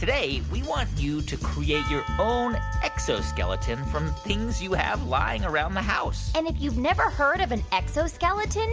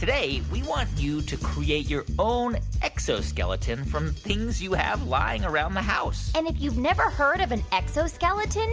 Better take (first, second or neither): second